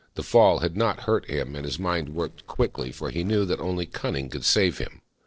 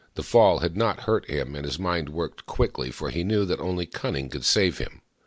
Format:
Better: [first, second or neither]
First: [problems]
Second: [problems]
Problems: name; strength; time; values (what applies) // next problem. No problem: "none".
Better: second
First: noise reduction (neural separator model SepFormer DNS4)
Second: none